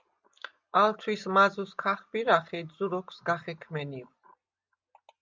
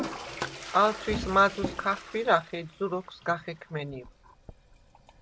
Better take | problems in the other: first | background sound (Thump, thud + Toilet flush); 10 dB below the speech

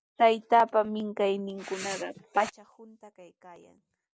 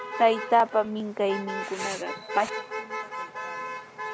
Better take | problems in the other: first | background sound (Motor vehicle (road)); 8 dB below the speech

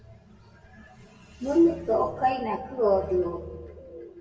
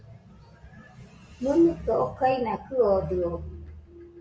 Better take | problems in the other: second | background sound (Bird); 18 dB below the speech // room echo; dies away in 1.1 s

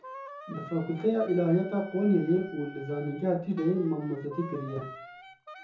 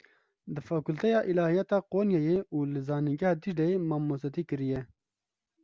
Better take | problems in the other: second | background sound (Wind instrument, woodwind instrument); 17 dB below the speech // room echo; dies away in 0.6 s

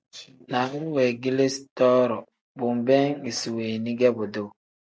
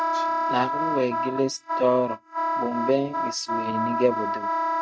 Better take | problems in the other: first | noise reduction (neural mask model RNNoise)

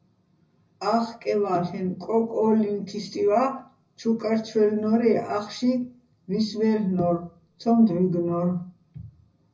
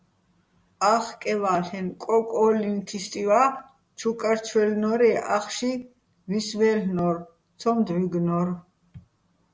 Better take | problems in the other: second | room echo; dies away in 0.4 s

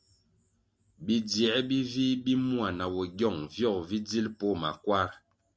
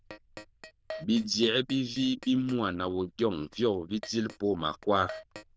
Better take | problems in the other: first | noise reduction (neural diffusion model UNIVERSE++)

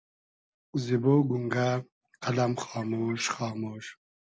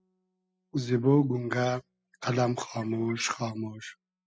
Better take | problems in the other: first | noise reduction (classical method spectral subtraction)

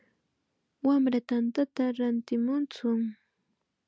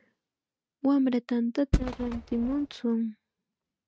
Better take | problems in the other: first | noise reduction (neural mask model RNNoise)

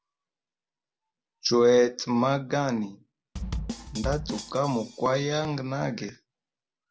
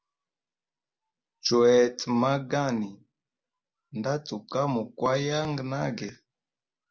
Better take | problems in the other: second | background sound (Bass drum / Snare drum); 8 dB below the speech

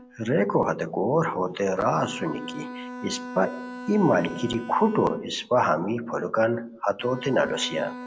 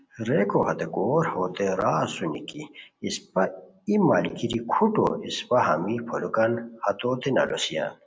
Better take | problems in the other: second | background sound (Bowed string instrument); 14 dB below the speech

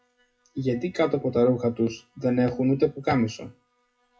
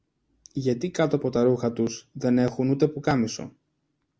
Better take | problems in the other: second | noise reduction (classical method WPE with log-MMSE)

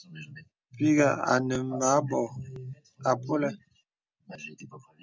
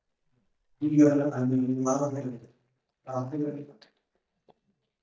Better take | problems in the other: first | noise reduction (neural mask model DeepFilterNet 3)

